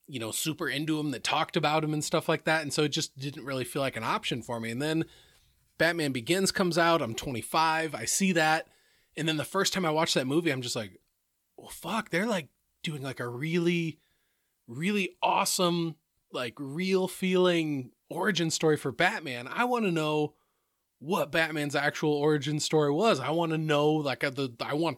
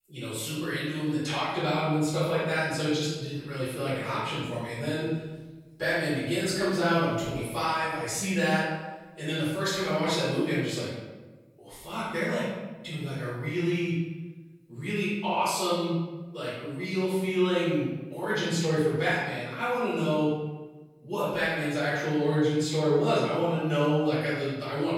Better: first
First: none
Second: room echo; strong; dies away in 1.1 s // off-mic speech; far

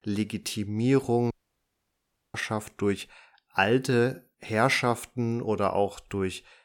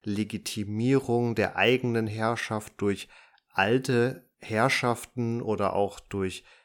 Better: second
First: audio cutting out; at 1.5 s for 1 s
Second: none

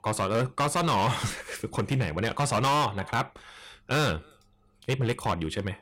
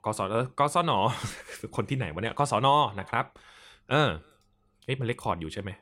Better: second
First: distortion; heavy; 11% of the sound clipped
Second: none

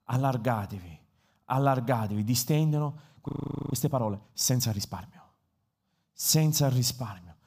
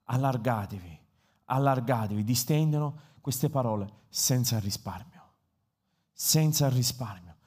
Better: second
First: audio freezing; at 3.5 s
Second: none

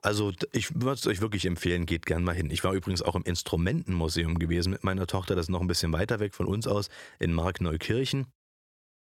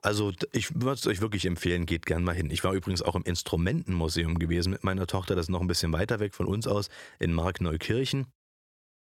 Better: neither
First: none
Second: none

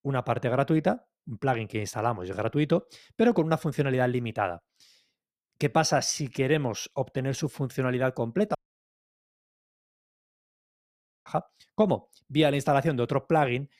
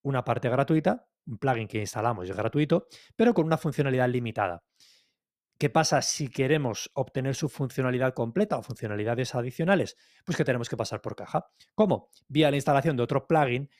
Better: second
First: audio cutting out; at 8.5 s for 2.5 s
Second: none

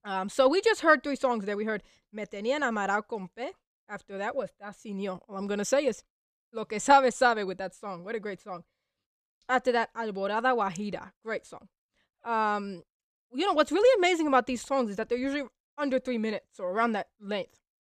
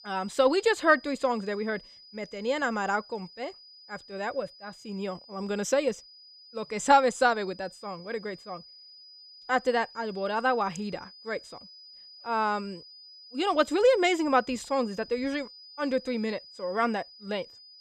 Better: first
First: none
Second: high-pitched whine; noticeable; throughout; 5 kHz, 20 dB below the speech

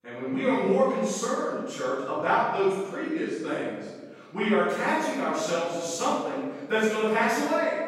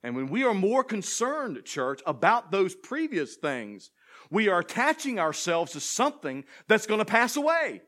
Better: second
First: off-mic speech; far // room echo; strong; dies away in 1.3 s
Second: none

